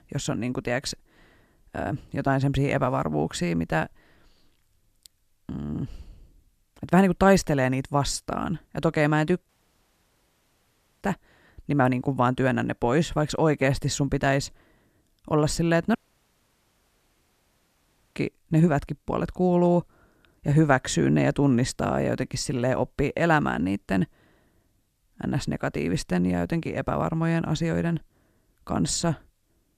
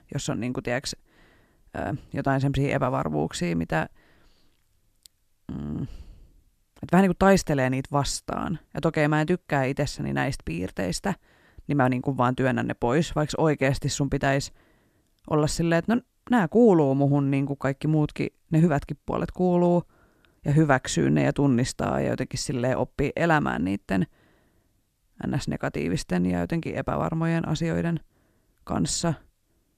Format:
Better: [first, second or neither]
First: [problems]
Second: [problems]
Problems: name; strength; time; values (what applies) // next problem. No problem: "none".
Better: second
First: audio cutting out; at 9.5 s for 1.5 s and at 16 s for 2 s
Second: none